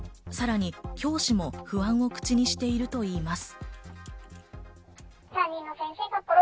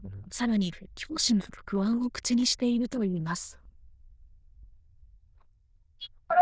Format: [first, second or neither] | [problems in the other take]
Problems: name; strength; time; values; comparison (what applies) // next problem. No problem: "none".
first | noise reduction (neural diffusion model UNIVERSE++)